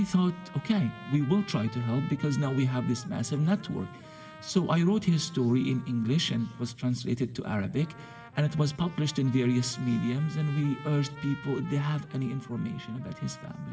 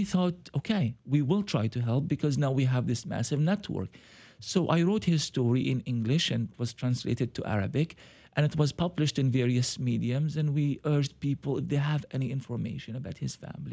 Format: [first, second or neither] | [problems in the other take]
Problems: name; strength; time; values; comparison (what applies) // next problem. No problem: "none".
second | background sound (Trumpet); 20 dB below the speech // room echo; dies away in 2.7 s